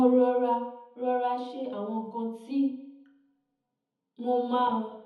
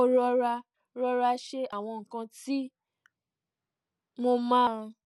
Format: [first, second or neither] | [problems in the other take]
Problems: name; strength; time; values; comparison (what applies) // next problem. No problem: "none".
second | room echo; dies away in 1 s